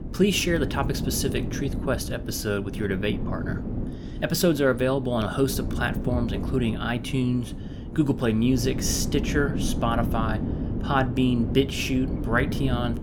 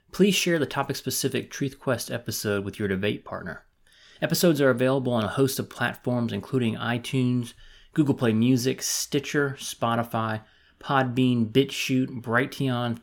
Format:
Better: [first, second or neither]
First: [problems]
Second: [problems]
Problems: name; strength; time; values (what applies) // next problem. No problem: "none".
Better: second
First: wind noise on the microphone; occasional gusts; 10 dB below the speech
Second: none